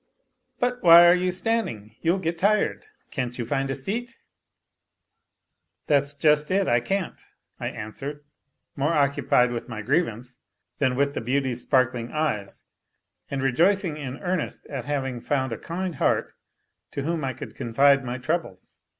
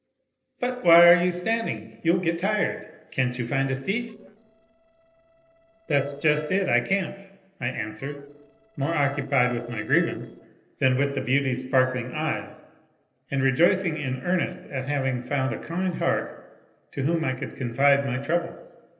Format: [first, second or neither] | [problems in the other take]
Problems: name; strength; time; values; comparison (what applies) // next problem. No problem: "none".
first | noise reduction (neural separator model SepFormer DNS4)